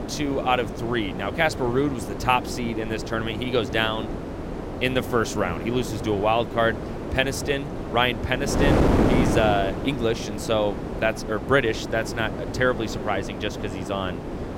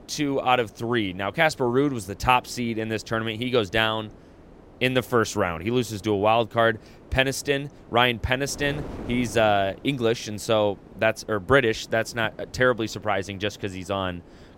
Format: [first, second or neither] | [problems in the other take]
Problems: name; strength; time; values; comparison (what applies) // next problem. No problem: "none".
second | wind noise on the microphone; heavy; 7 dB below the speech; occasional gusts in the second